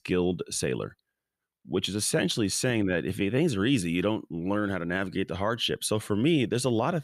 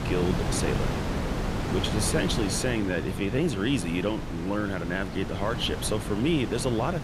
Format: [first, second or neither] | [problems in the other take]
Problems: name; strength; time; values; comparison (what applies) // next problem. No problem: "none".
first | wind noise on the microphone; heavy; 5 dB below the speech